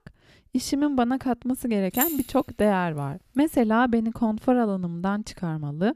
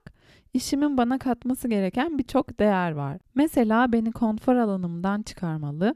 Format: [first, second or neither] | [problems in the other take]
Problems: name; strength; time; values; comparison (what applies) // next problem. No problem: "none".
second | jangling keys; noticeable; at 2 s; peak 1 dB below the speech